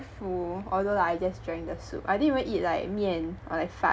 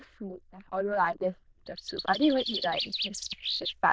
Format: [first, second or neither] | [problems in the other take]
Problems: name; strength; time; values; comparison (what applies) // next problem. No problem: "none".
first | noise reduction (neural diffusion model UNIVERSE++)